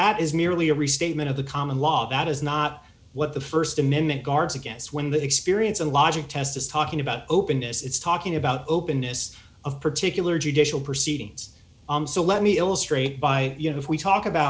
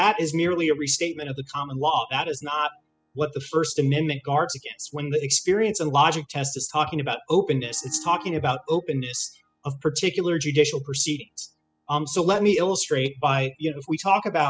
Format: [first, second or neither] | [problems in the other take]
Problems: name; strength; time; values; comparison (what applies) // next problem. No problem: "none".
first | noise reduction (classical method spectral subtraction)